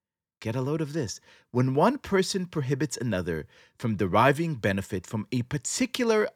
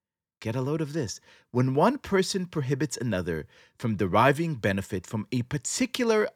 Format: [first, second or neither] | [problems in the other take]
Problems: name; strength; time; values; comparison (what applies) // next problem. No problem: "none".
neither | none